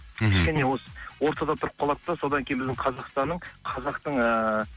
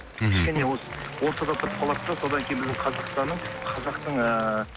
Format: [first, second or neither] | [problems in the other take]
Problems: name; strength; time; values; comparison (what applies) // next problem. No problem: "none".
first | background sound (Applause / Crowd + Accelerating, revving, vroom / Car); 8 dB below the speech